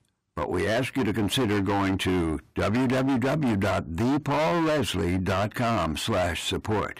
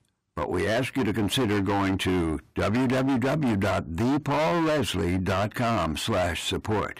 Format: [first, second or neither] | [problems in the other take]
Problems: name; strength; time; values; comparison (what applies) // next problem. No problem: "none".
neither | distortion; heavy; 28% of the sound clipped; the same in both